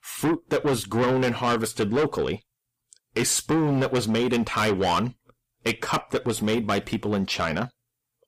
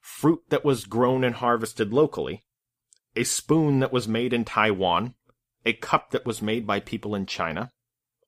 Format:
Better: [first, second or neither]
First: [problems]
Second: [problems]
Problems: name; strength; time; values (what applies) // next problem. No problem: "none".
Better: second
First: distortion; heavy; 6 dB below the speech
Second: none